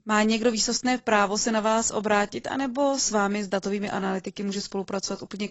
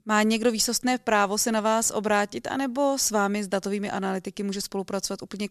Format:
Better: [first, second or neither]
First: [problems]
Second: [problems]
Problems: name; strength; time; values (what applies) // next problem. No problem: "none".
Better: second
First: garbled, watery; badly; nothing above 7.5 kHz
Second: none